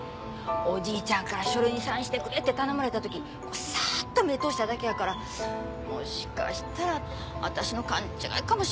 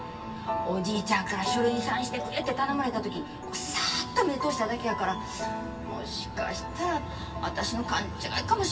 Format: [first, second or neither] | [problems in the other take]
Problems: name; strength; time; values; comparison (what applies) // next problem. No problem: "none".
first | room echo; dies away in 2.2 s